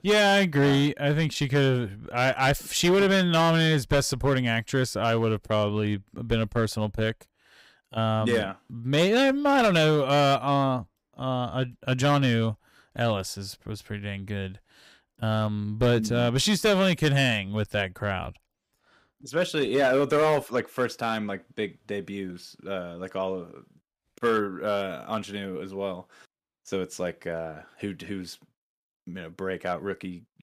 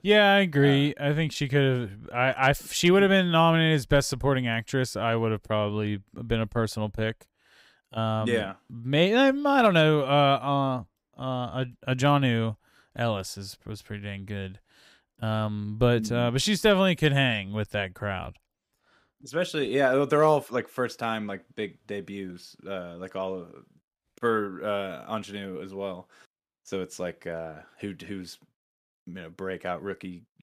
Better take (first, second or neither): second